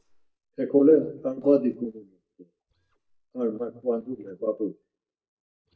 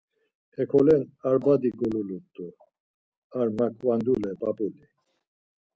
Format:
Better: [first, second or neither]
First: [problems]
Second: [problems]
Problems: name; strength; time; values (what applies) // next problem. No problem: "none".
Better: second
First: noise reduction (neural mask model DeepFilterNet 3)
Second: none